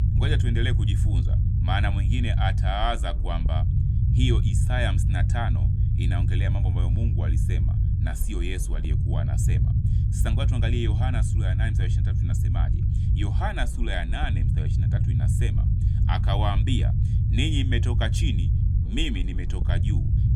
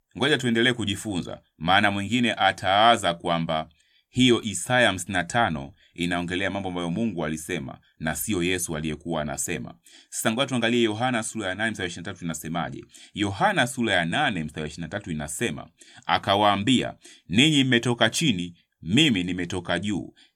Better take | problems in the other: second | low rumble; loud; throughout; 5 dB below the speech

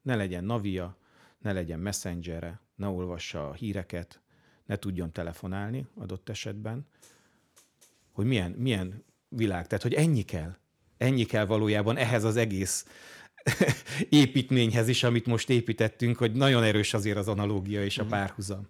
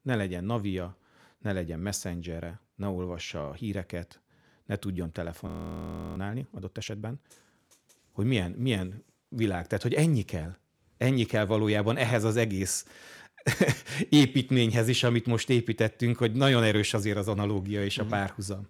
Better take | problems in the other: first | audio freezing; at 5.5 s for 0.5 s

